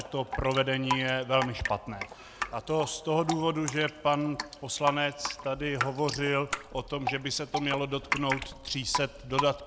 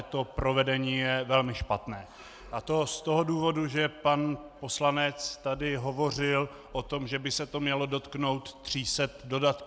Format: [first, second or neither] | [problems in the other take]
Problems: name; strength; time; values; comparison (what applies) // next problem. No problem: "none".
second | background sound (Drip); 7 dB below the speech